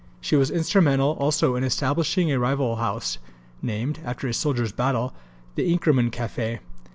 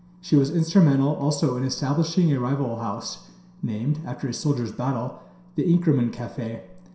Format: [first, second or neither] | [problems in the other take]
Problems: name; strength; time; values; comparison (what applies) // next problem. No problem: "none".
first | room echo; dies away in 0.7 s